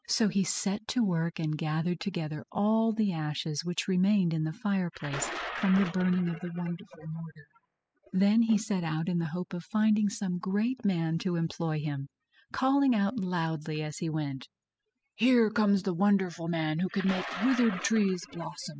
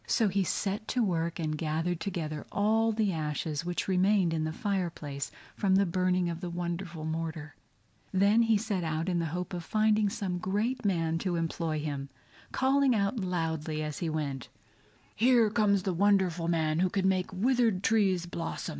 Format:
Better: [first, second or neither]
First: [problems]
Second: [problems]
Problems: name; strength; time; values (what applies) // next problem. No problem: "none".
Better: second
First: noise reduction (classical method spectral subtraction)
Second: none